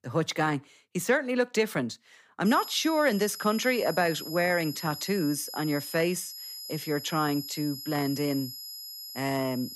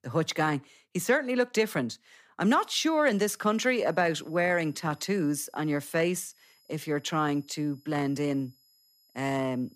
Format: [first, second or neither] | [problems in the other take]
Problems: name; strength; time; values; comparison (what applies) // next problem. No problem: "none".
second | high-pitched whine; loud; from 2.5 s on; 5 kHz, 10 dB below the speech; faint in the second